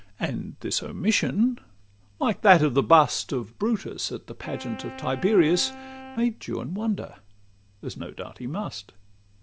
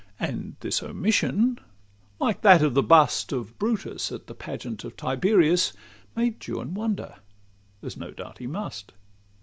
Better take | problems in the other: second | background sound (Wind instrument, woodwind instrument); 16 dB below the speech

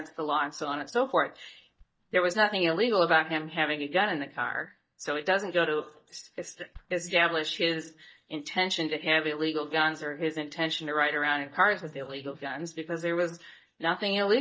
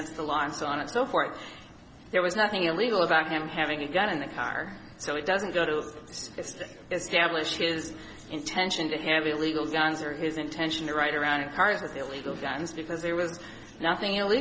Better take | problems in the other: second | noise reduction (neural mask model DeepFilterNet 3)

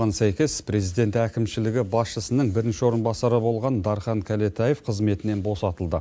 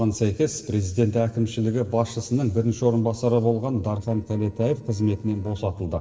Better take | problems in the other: first | noise reduction (neural separator model SepFormer DNS4)

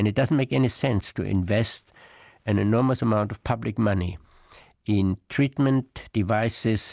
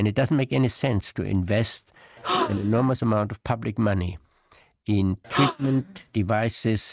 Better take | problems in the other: first | noise reduction (neural mask model RNNoise)

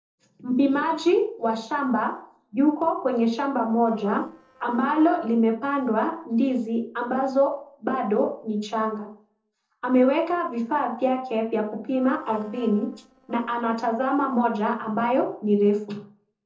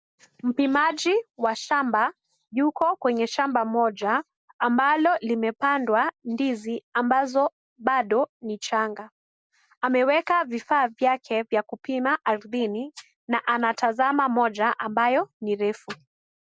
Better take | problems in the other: second | noise reduction (neural separator model SepFormer DNS4)

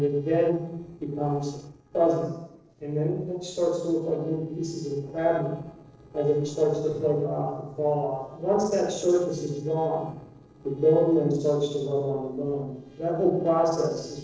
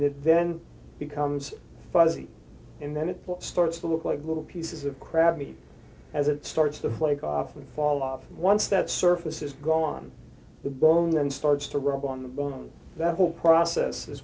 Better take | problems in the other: second | noise reduction (neural separator model SepFormer DNS4)

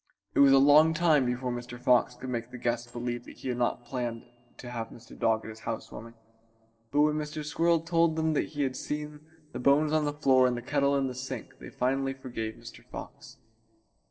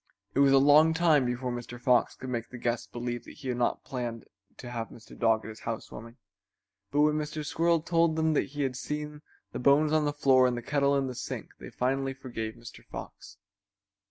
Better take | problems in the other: second | noise reduction (neural separator model SepFormer DNS4)

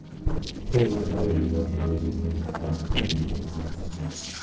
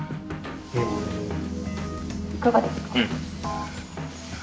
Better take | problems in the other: second | noise reduction (neural separator model SepFormer DNS4)

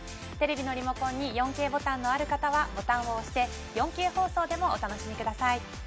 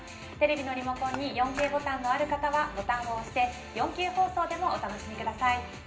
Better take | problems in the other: first | background sound (Dishes, pots, and pans / Chink, clink); 12 dB below the speech // room echo; dies away in 0.5 s

